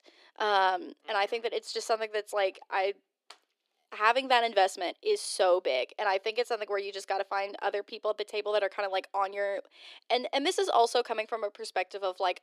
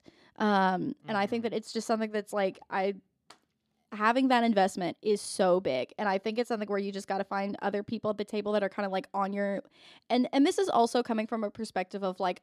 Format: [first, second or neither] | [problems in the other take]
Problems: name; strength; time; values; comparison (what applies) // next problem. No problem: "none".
second | thin; very; fading below 400 Hz